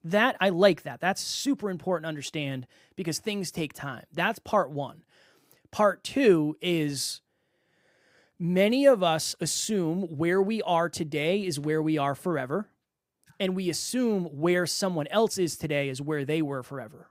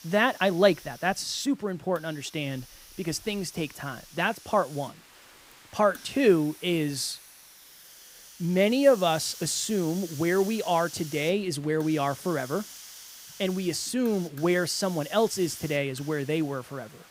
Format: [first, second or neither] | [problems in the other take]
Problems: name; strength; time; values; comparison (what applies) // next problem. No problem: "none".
first | hiss; noticeable; throughout; 15 dB below the speech